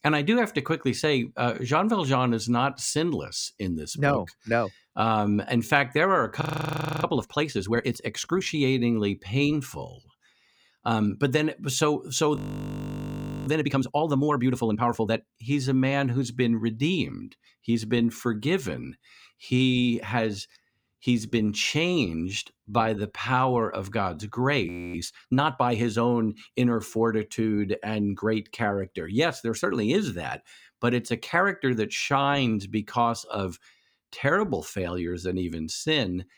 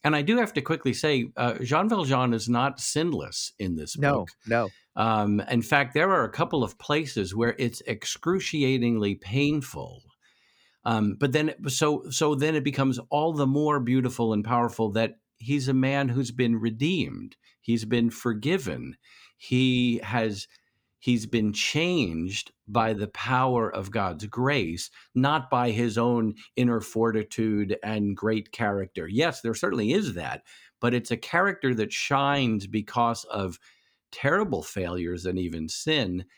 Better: second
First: audio freezing; at 6.5 s for 0.5 s, at 12 s for 1 s and at 25 s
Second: none

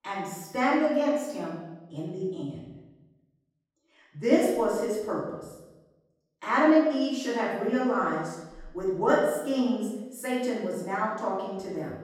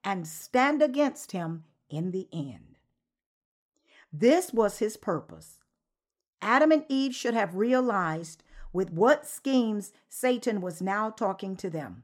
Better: second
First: off-mic speech; far // room echo; noticeable; dies away in 0.9 s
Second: none

